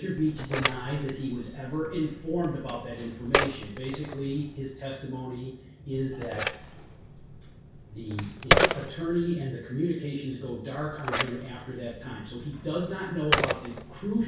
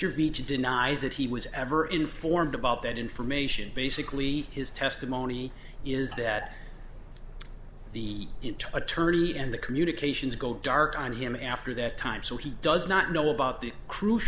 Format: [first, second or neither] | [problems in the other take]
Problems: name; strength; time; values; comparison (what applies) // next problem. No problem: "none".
second | background sound (Telephone); as loud as the speech // room echo; dies away in 0.6 s